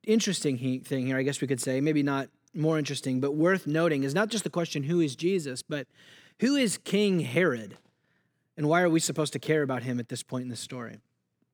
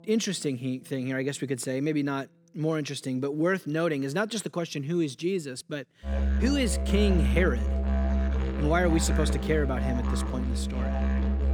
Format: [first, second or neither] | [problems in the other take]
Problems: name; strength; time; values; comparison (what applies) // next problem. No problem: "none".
first | background music; very loud; throughout; 1 dB above the speech